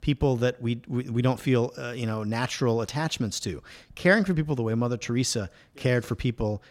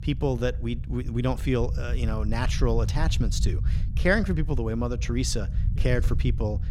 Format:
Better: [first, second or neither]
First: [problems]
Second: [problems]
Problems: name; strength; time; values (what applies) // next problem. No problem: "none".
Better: first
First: none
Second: low rumble; noticeable; throughout; 15 dB below the speech